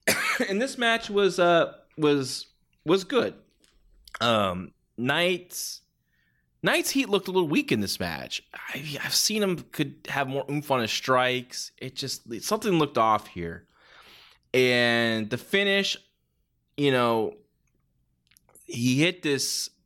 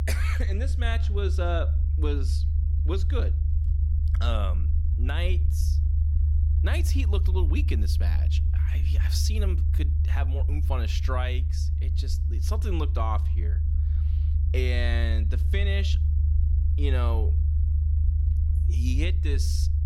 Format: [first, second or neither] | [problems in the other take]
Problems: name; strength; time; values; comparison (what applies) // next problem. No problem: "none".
first | low rumble; loud; throughout; 8 dB below the speech